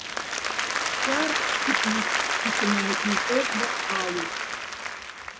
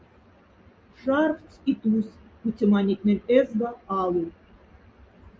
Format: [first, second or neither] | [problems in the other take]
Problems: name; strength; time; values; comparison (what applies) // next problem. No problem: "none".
second | background sound (Applause); 5 dB above the speech